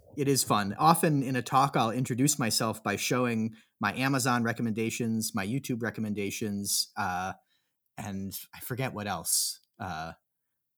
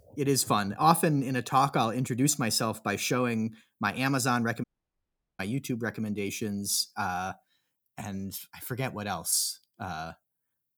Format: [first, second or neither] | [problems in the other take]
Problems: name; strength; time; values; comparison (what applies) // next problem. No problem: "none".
first | audio cutting out; at 4.5 s for 1 s